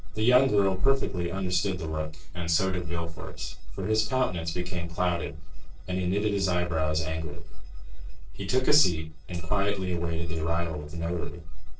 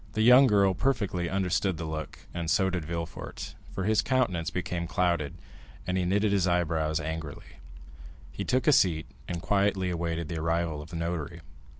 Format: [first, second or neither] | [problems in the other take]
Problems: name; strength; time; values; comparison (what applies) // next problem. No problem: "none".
second | noise reduction (neural separator model SepFormer DNS4)